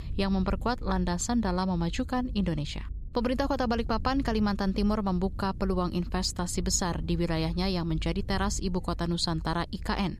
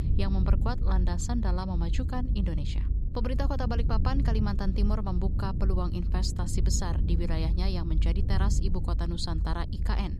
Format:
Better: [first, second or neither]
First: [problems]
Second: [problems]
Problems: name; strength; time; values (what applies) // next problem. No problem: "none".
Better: first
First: low rumble; faint; throughout; 25 dB below the speech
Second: low rumble; loud; throughout; 9 dB below the speech